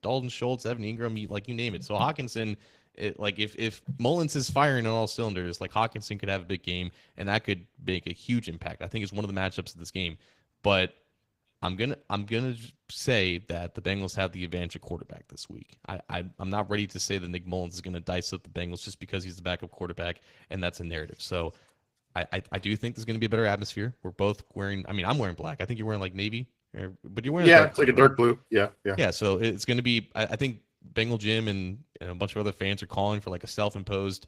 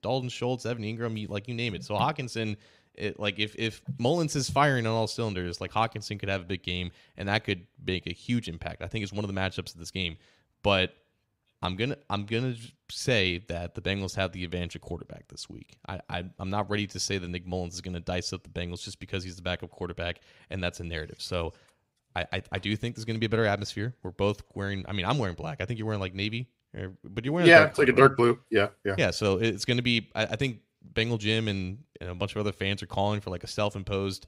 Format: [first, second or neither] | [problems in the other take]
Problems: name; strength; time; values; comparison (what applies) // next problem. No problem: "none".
second | garbled, watery; slightly; nothing above 15.5 kHz